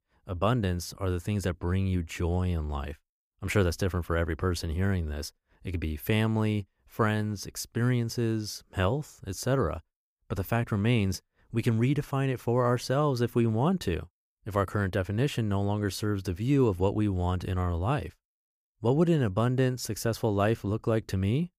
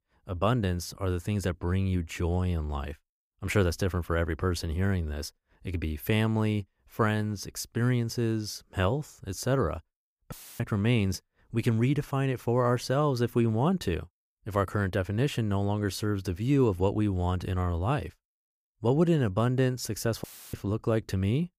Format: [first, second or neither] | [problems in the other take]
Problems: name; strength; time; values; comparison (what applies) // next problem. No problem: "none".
first | audio cutting out; filled with static; at 10 s and at 20 s